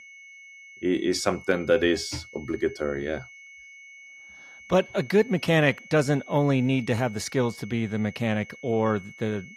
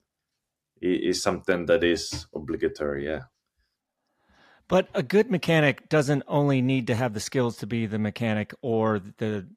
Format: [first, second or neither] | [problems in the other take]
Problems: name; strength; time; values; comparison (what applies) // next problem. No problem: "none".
second | high-pitched whine; noticeable; throughout; 2 kHz, 20 dB below the speech